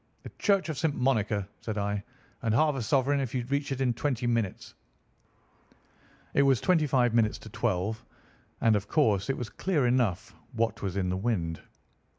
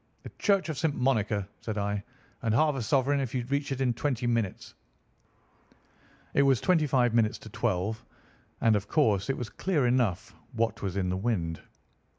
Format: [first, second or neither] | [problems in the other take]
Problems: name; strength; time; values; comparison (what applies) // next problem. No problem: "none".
second | background sound (Bass drum); 18 dB below the speech